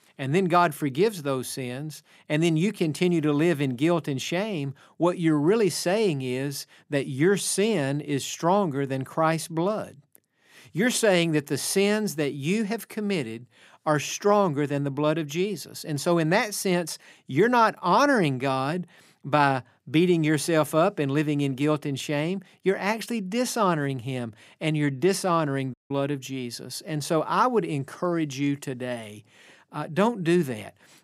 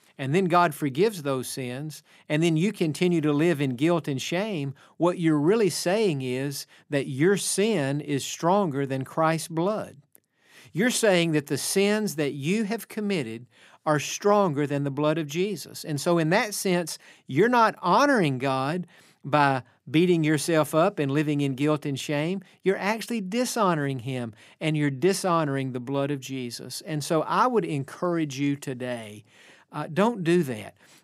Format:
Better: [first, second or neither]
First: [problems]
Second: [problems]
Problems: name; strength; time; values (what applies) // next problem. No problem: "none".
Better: second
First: audio cutting out; at 26 s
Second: none